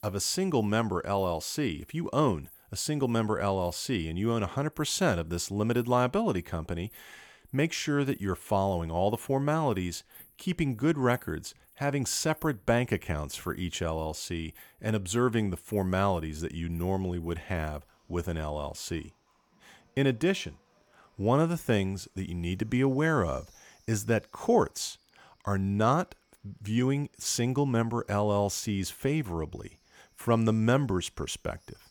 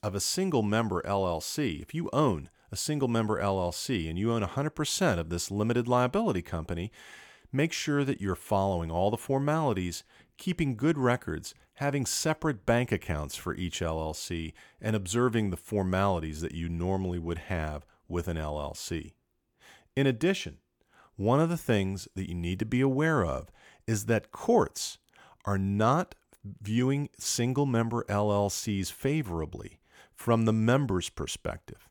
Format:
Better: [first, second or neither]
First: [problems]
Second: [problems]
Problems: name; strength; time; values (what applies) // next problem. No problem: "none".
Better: second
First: animal sounds; faint; throughout; 30 dB below the speech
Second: none